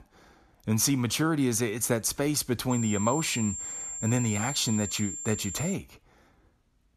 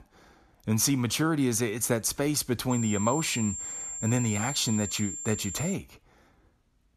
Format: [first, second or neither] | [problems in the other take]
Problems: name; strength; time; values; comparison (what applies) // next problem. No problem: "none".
neither | high-pitched whine; loud; from 2.5 to 5.5 s; 7.5 kHz, 6 dB below the speech; the same in both